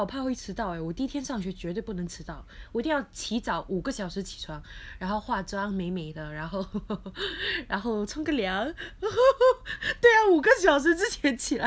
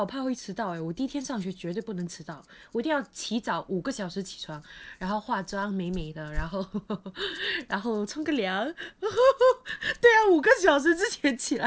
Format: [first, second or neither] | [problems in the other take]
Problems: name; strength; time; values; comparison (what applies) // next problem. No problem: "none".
first | noise reduction (neural separator model SepFormer DNS4)